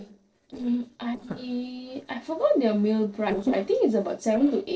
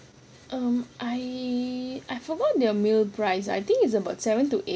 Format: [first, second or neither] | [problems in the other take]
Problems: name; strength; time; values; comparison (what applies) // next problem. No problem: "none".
second | noise reduction (neural separator model SepFormer DNS4)